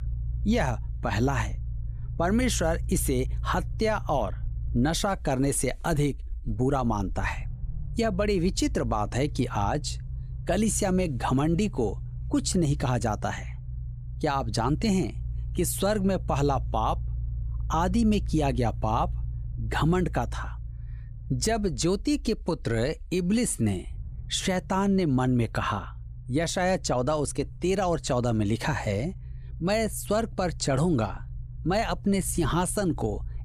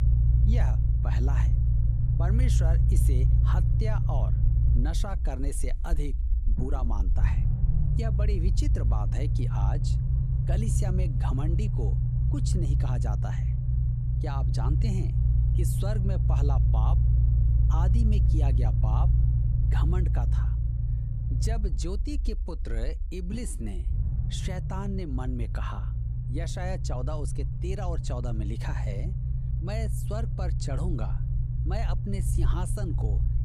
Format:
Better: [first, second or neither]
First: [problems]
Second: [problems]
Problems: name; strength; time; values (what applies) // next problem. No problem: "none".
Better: first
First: low rumble; faint; throughout; 25 dB below the speech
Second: low rumble; loud; throughout; 2 dB below the speech